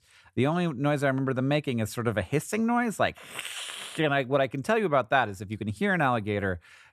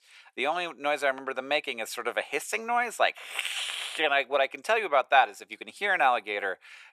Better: first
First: none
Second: thin; very; fading below 450 Hz

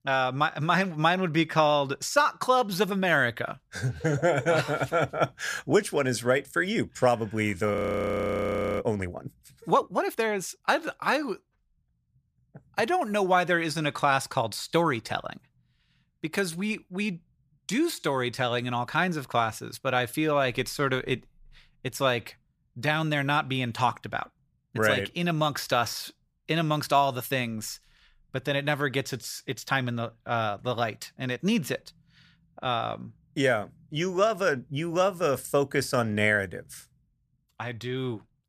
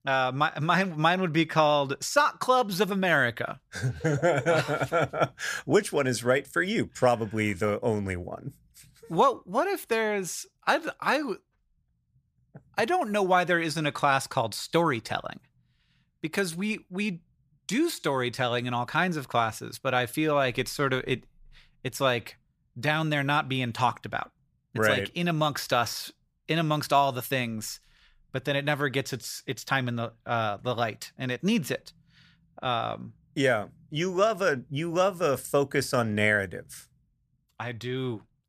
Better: second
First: audio freezing; at 8 s for 1 s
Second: none

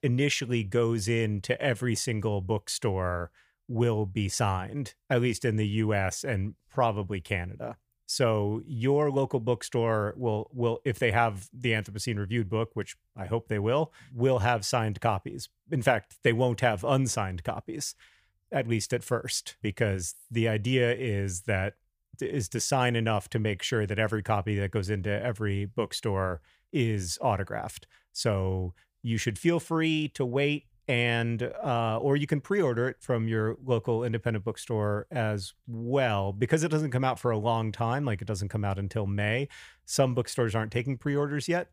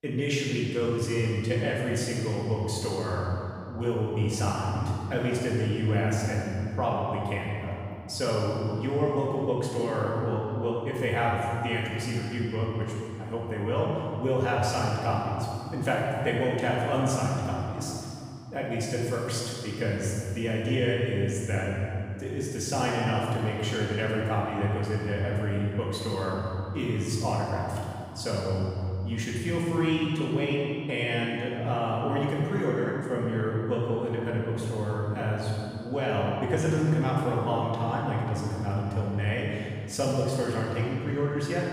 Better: first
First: none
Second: room echo; strong; dies away in 2.6 s // off-mic speech; far

